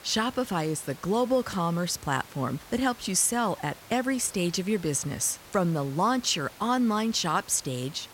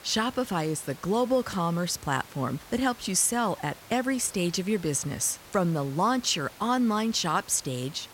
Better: neither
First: hiss; faint; throughout; 20 dB below the speech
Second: hiss; faint; throughout; 20 dB below the speech

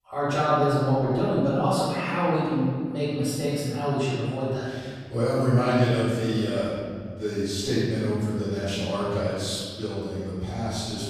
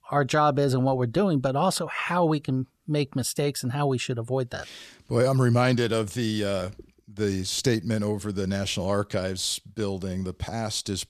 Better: second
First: off-mic speech; far // room echo; strong; dies away in 1.9 s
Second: none

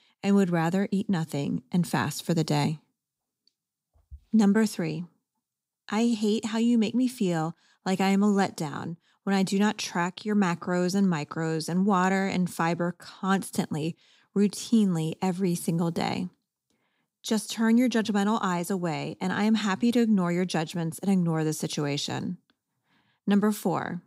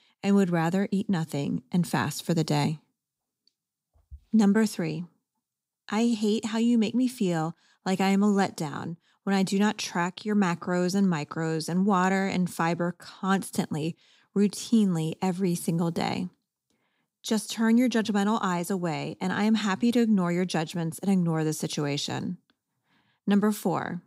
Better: neither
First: none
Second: none

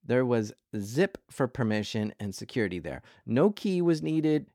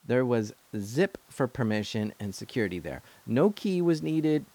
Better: first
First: none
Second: hiss; faint; throughout; 30 dB below the speech

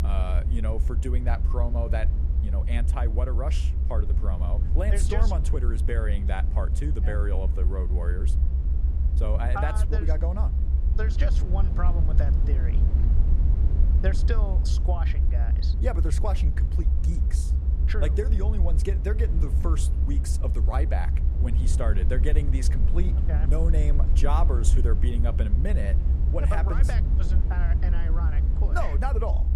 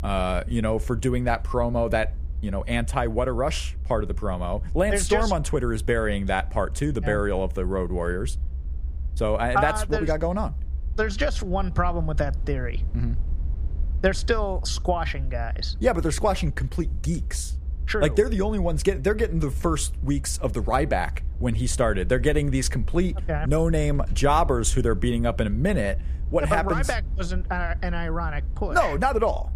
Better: second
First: low rumble; loud; throughout; 7 dB below the speech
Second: low rumble; faint; throughout; 25 dB below the speech

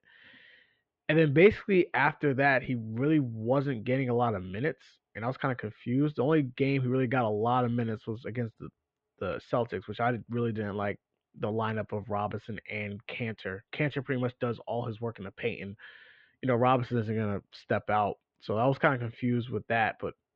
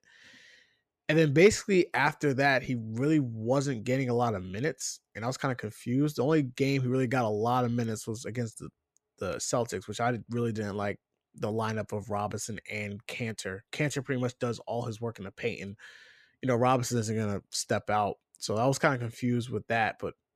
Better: second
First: muffled; very; fading above 3.5 kHz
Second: none

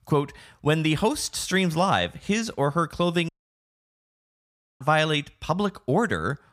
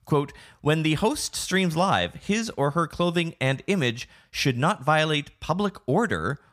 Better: second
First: audio cutting out; at 3.5 s for 1.5 s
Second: none

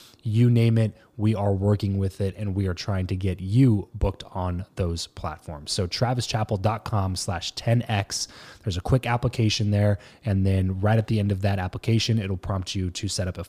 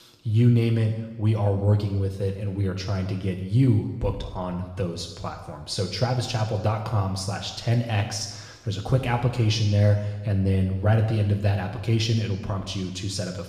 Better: first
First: none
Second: room echo; noticeable; dies away in 1 s // off-mic speech; somewhat distant

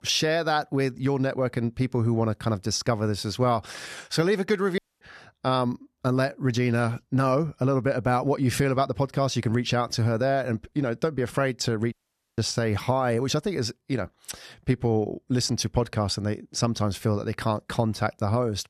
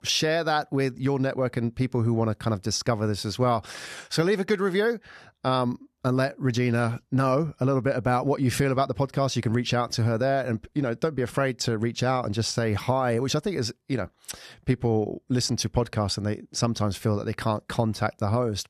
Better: second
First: audio cutting out; at 5 s and at 12 s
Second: none

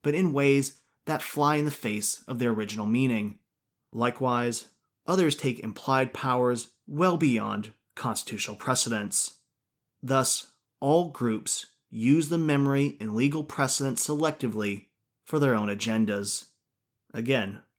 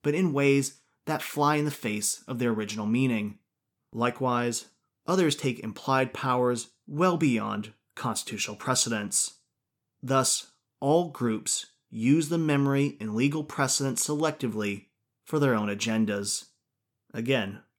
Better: second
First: garbled, watery; slightly; nothing above 18 kHz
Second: none

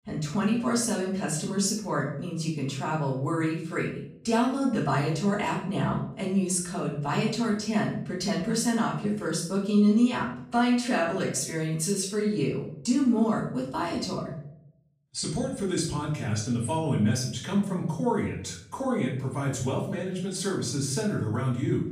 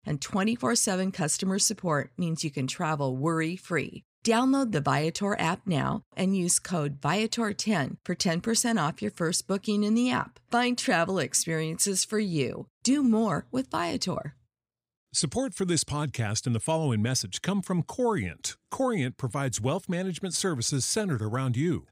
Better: second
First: off-mic speech; far // room echo; noticeable; dies away in 0.6 s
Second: none

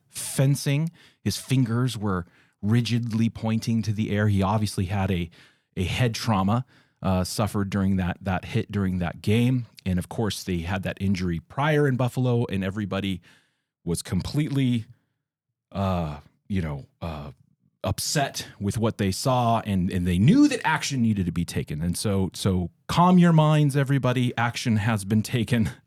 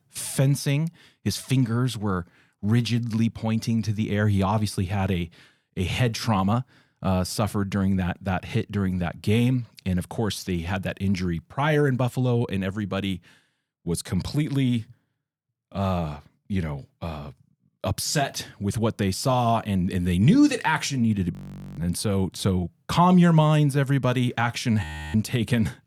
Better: first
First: none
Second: audio freezing; at 21 s and at 25 s

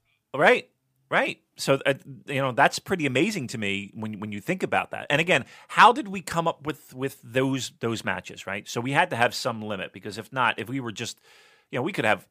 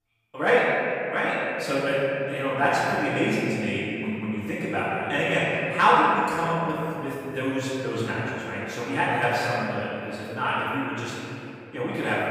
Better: first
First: none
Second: off-mic speech; far // room echo; strong; dies away in 2.9 s

